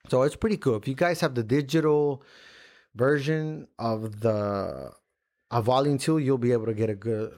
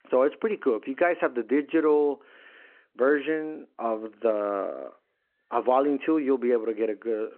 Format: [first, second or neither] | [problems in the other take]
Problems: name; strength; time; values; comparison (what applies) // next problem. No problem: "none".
first | phone-call audio